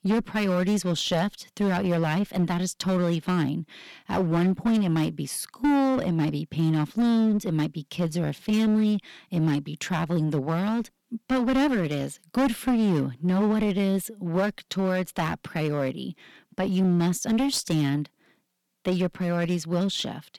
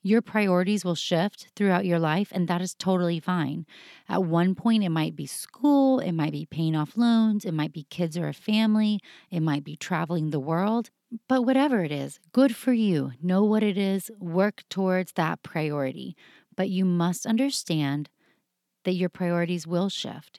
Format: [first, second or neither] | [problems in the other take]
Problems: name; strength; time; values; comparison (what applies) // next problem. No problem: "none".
second | distortion; heavy; 13% of the sound clipped